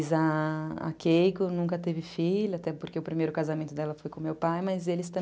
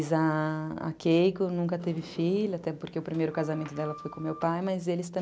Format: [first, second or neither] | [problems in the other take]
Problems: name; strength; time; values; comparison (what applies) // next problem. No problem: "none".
first | background sound (Sliding door); 19 dB below the speech